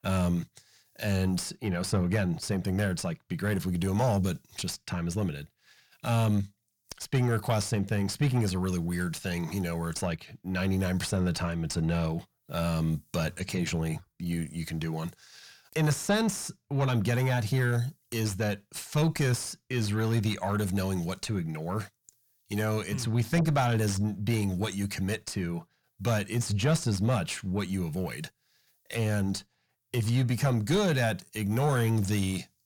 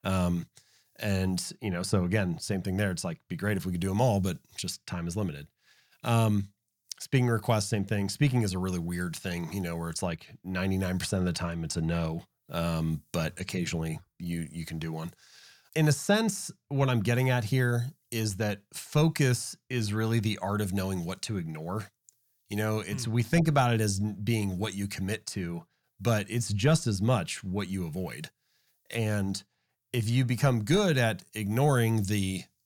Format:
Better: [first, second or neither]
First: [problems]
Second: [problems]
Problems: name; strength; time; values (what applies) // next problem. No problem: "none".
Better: second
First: distortion; slight; 10 dB below the speech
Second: none